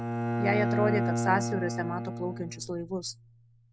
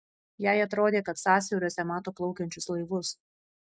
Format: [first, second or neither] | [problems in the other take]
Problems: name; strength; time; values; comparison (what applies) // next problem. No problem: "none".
second | background sound (Bowed string instrument); 1 dB above the speech